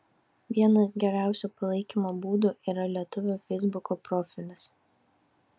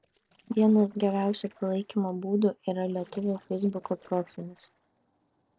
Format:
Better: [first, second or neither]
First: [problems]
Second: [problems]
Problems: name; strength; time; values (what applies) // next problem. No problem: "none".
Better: first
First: none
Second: noise reduction (neural separator model SepFormer DNS4)